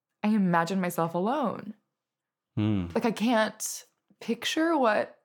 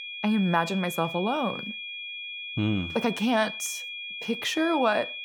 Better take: first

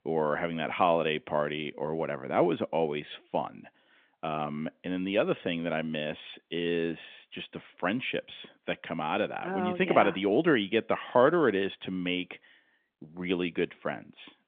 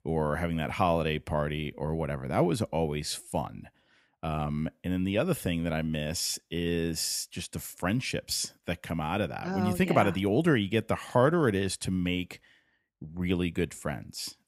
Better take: second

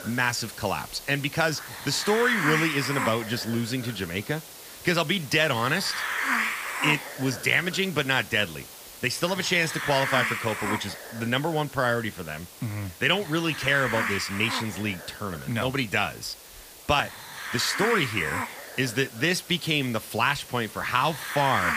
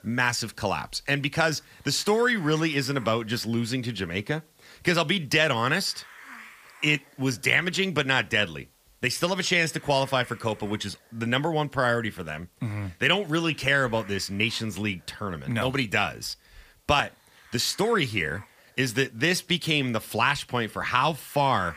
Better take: second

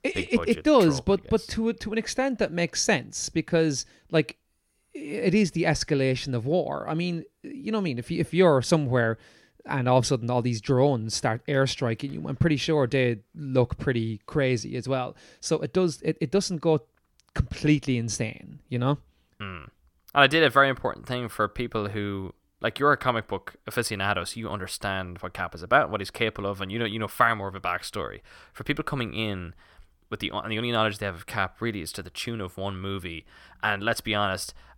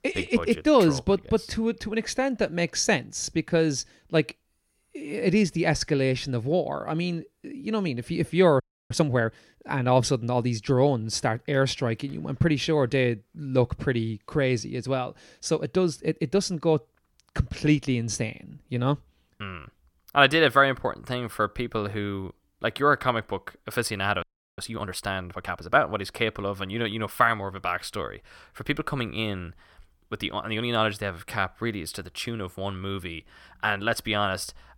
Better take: first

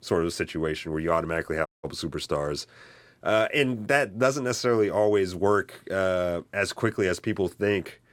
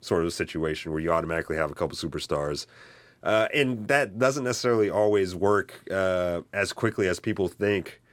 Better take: second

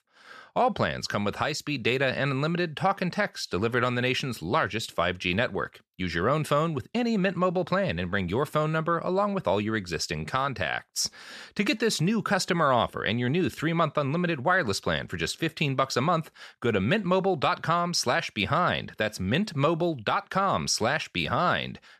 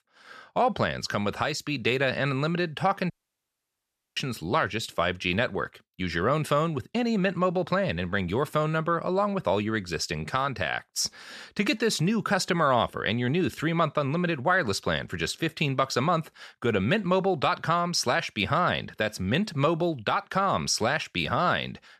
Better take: first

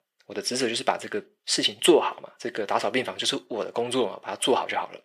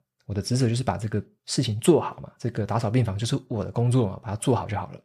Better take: second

